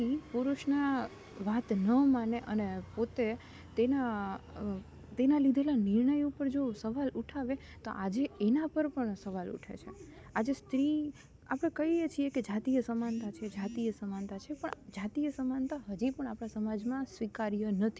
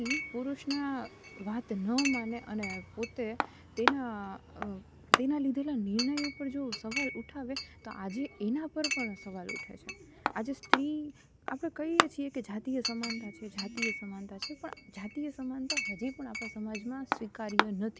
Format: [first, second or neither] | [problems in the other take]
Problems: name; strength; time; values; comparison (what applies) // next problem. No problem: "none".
first | background sound (Chink, clink); 1 dB below the speech